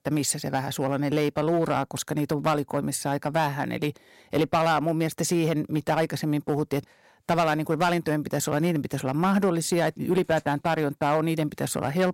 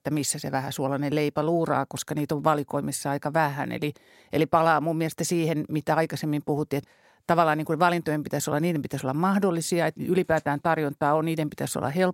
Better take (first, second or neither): second